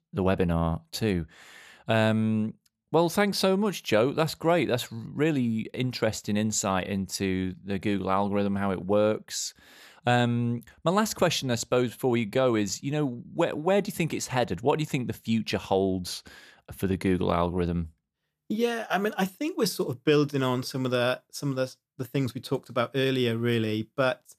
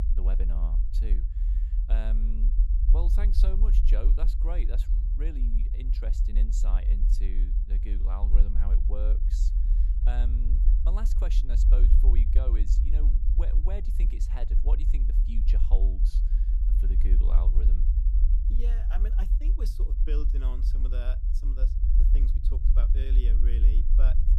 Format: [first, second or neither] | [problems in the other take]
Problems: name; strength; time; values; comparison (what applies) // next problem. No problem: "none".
first | low rumble; loud; throughout; 3 dB below the speech